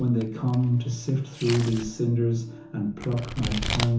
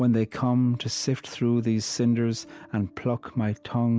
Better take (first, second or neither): second